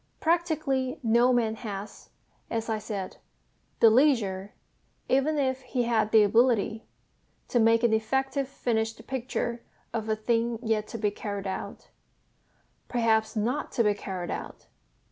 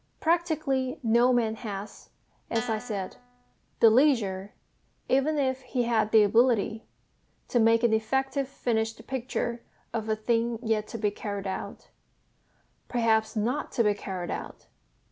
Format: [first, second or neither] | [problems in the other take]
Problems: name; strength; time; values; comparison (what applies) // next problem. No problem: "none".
first | background sound (Guitar); 13 dB below the speech